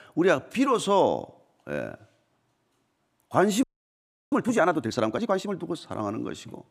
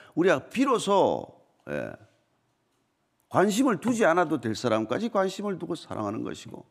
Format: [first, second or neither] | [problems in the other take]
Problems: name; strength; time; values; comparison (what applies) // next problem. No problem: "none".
second | audio freezing; at 3.5 s for 0.5 s